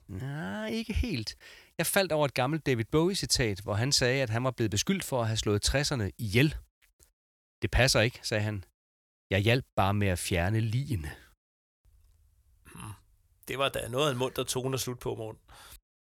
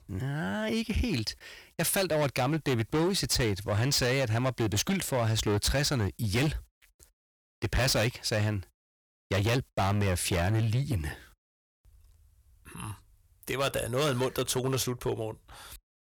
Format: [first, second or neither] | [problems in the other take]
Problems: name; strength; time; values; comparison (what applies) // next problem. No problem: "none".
first | distortion; heavy; 14% of the sound clipped